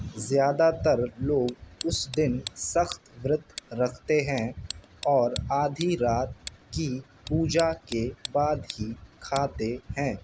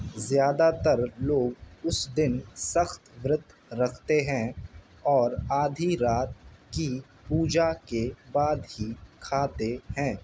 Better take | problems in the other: second | background sound (Tick); 17 dB below the speech

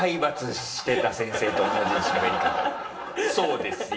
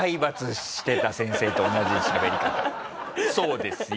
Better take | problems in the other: second | room echo; dies away in 0.7 s

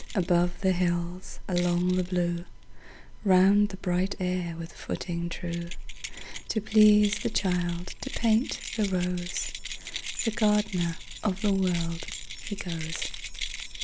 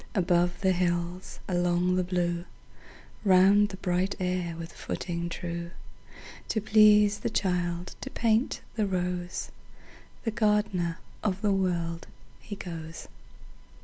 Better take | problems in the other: second | background sound (Keys jangling); 12 dB below the speech

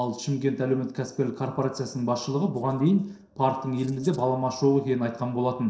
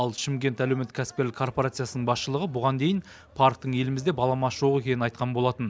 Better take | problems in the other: second | noise reduction (neural separator model SepFormer DNS4)

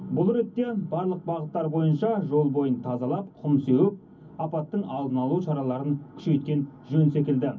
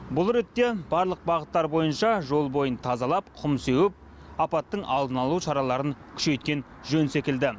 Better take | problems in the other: second | room echo; dies away in 0.3 s

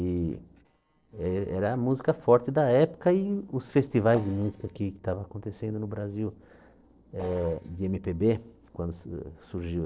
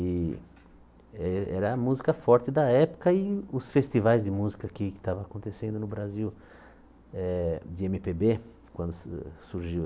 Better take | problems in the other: second | noise reduction (neural separator model SepFormer DNS4)

